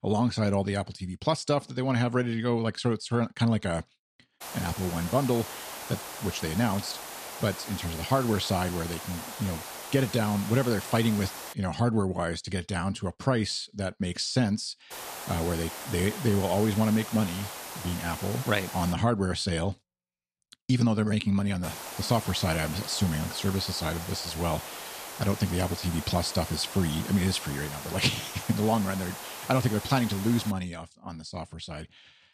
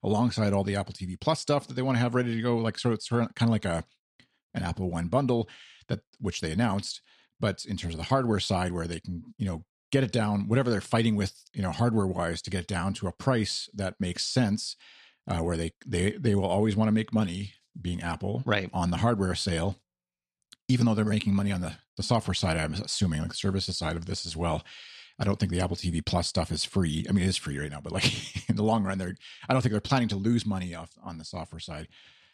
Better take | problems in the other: second | hiss; loud; from 4.5 to 12 s, from 15 to 19 s and from 22 to 31 s; 9 dB below the speech

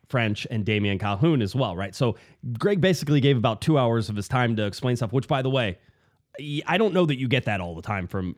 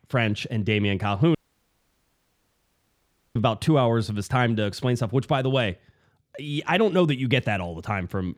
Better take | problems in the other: first | audio cutting out; at 1.5 s for 2 s

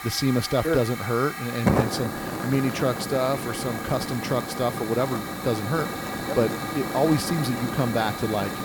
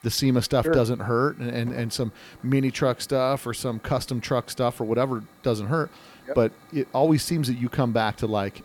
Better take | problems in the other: second | hiss; loud; throughout; 4 dB below the speech; faint in the second

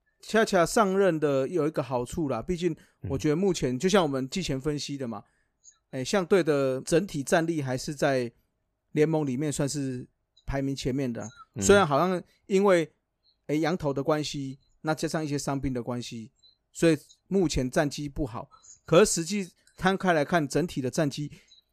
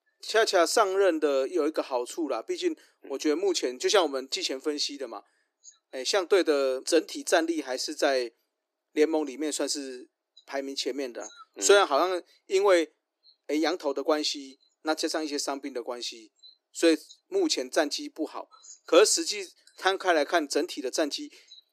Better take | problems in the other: first | thin; somewhat; fading below 300 Hz

